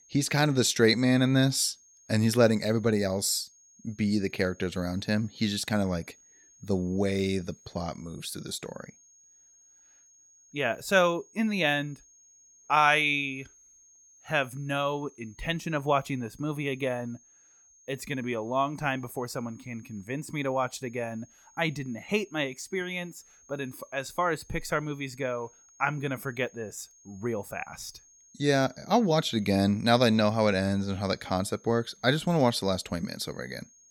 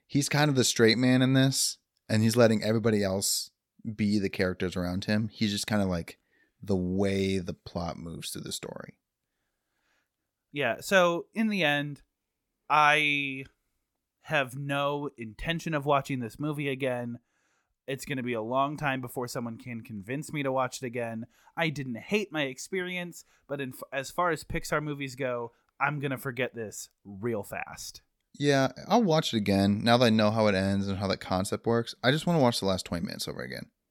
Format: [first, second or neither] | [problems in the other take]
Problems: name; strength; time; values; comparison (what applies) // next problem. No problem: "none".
second | high-pitched whine; faint; throughout; 6.5 kHz, 30 dB below the speech